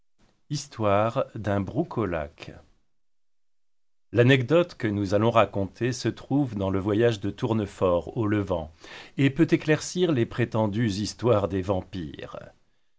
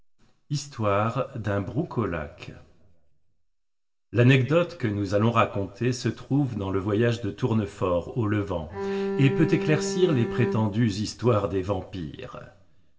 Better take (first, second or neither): first